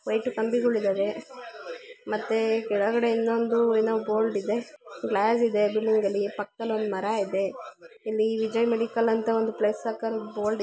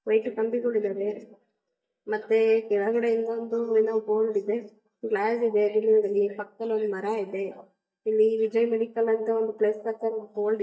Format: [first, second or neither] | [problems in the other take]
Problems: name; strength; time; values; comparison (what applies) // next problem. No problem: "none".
first | noise reduction (neural mask model DeepFilterNet 3)